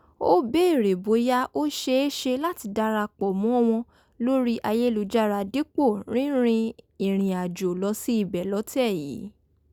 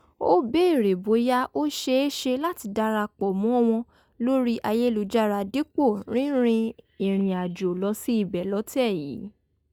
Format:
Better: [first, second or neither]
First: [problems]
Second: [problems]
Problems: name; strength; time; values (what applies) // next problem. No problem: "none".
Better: first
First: none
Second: noise reduction (neural mask model DeepFilterNet 3)